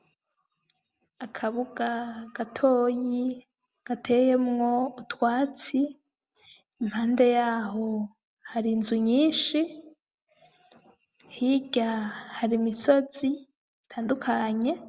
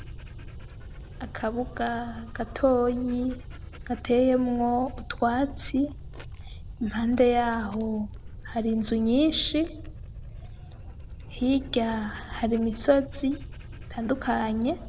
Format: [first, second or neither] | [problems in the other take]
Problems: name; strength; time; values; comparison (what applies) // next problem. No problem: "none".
first | background sound (Dog); 12 dB below the speech